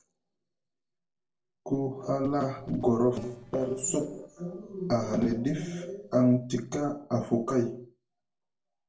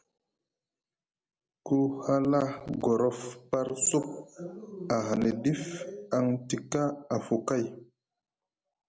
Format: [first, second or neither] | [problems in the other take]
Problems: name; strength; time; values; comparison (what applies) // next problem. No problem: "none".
second | noise reduction (neural separator model SepFormer DNS4)